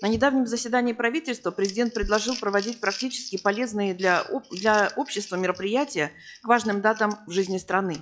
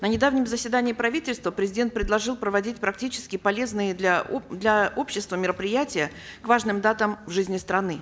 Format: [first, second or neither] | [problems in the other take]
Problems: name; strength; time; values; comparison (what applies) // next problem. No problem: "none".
second | noise reduction (classical method log-MMSE)